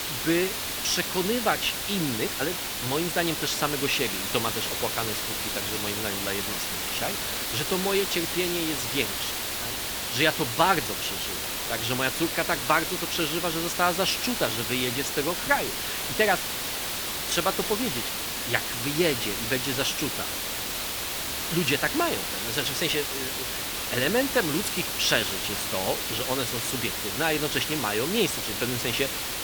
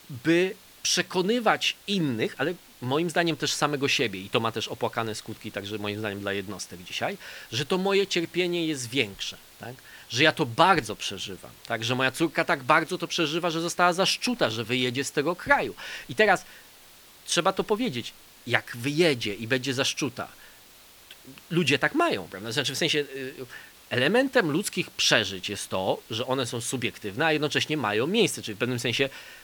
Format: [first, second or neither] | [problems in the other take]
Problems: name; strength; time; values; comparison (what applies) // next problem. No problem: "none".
second | hiss; loud; throughout; 1 dB below the speech; faint in the second